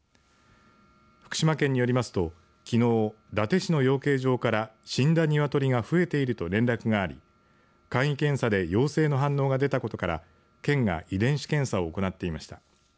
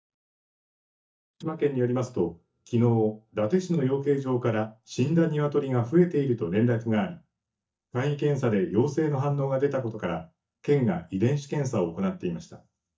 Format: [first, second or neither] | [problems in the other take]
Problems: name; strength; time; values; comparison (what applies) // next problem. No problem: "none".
first | noise reduction (neural mask model DeepFilterNet 3)